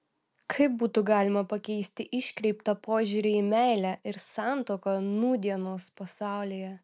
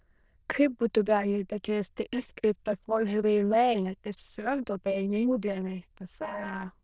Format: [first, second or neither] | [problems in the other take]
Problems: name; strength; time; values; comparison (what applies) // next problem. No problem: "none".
first | noise reduction (neural diffusion model UNIVERSE++)